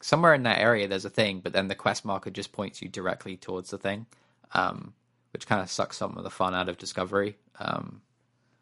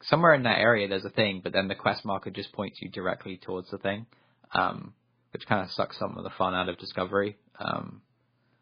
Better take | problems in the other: first | garbled, watery; badly; slightly in the first

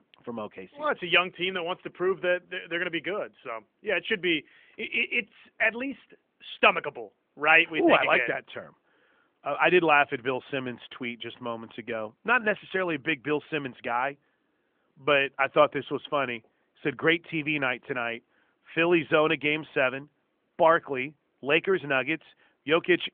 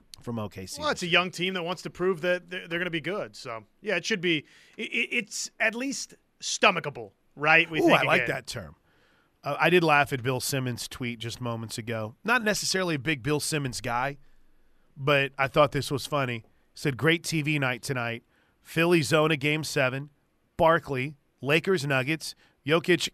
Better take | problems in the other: second | phone-call audio; nothing above 3 kHz

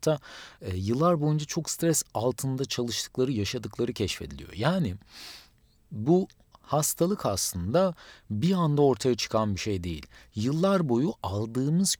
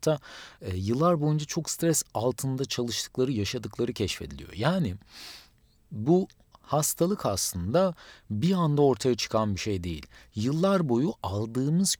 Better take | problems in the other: neither | none

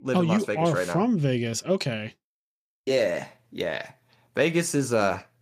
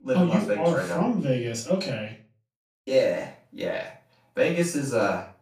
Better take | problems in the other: first | off-mic speech; far // room echo; slight; dies away in 0.3 s

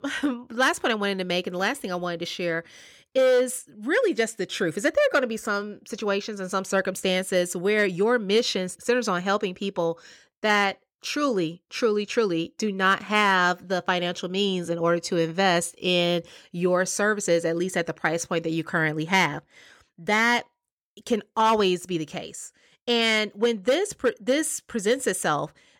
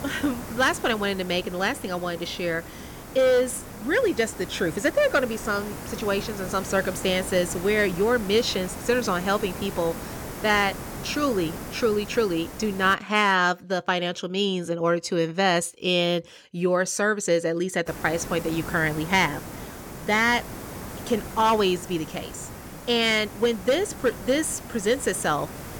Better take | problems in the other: first | hiss; noticeable; until 13 s and from 18 s on; 15 dB below the speech

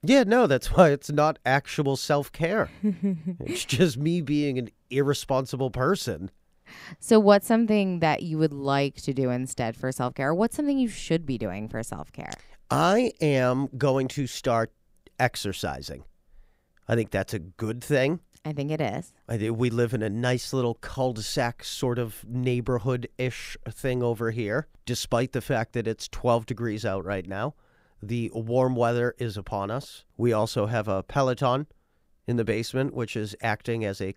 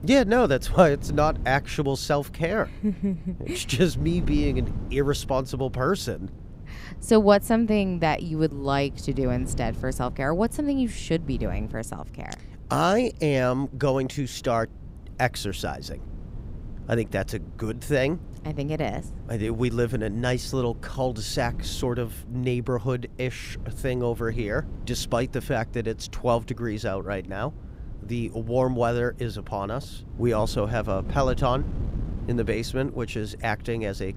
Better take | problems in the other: first | wind noise on the microphone; occasional gusts; 20 dB below the speech

